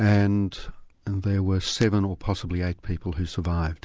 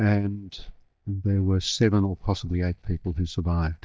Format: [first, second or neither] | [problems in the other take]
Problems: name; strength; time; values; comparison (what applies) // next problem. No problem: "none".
first | noise reduction (neural mask model DeepFilterNet 3)